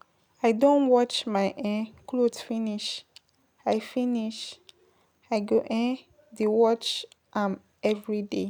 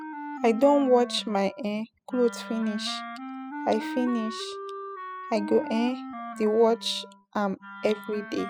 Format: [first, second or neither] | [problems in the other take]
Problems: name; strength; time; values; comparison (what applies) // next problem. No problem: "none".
first | noise reduction (classical method spectral subtraction)